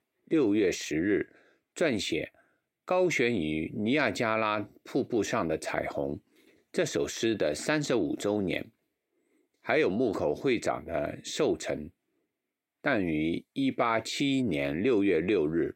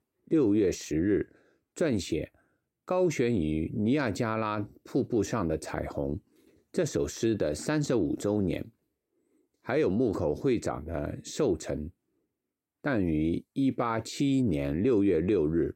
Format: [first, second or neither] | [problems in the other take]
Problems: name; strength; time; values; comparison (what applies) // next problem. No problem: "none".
second | thin; very slightly; fading below 450 Hz